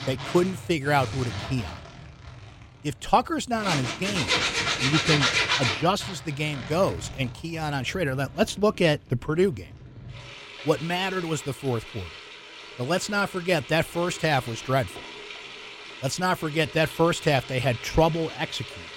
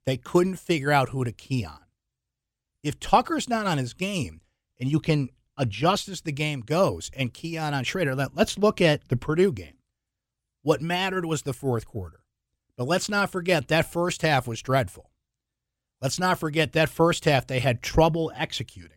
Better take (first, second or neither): second